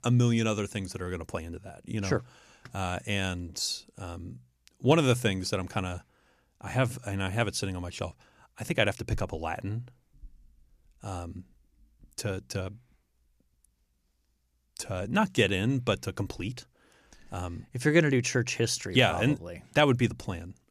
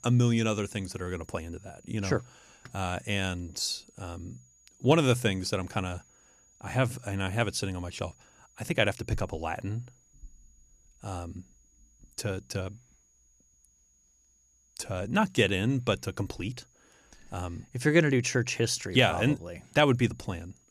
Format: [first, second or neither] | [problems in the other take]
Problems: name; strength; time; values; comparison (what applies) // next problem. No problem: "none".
first | high-pitched whine; faint; throughout; 6.5 kHz, 30 dB below the speech